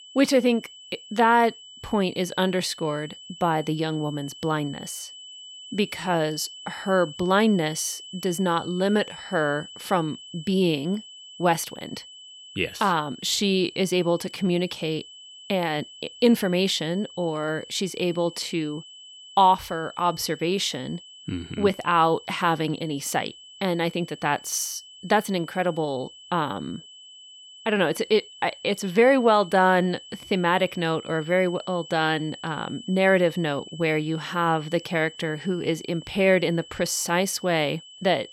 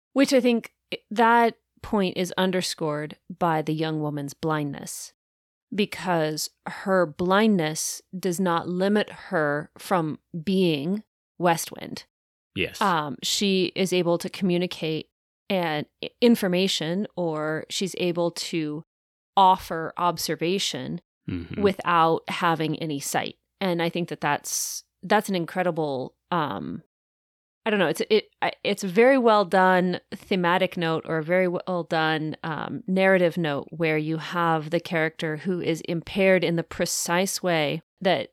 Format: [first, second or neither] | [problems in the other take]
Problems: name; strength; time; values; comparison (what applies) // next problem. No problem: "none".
second | high-pitched whine; noticeable; throughout; 3 kHz, 15 dB below the speech